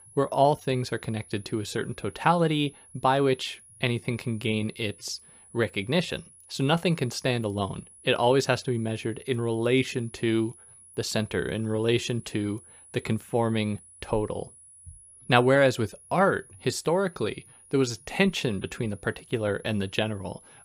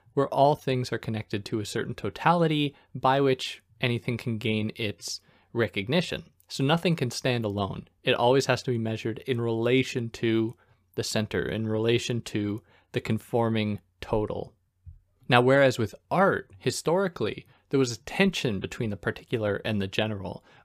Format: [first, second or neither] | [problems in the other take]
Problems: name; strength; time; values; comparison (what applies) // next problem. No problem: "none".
second | high-pitched whine; faint; throughout; 10 kHz, 25 dB below the speech